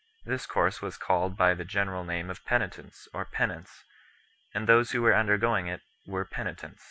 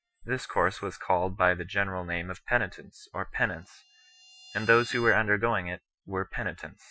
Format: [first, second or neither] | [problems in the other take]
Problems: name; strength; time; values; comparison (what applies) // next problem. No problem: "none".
first | noise reduction (classical method Wiener filter)